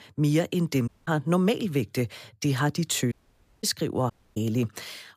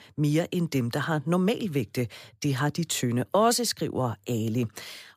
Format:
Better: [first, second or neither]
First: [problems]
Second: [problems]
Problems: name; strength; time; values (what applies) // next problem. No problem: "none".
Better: second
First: audio cutting out; at 1 s, at 3 s for 0.5 s and at 4 s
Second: none